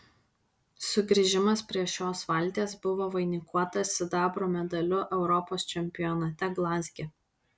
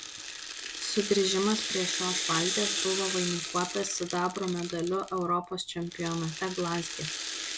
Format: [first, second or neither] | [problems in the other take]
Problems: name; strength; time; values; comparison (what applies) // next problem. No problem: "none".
first | background sound (Rattle (instrument)); 4 dB below the speech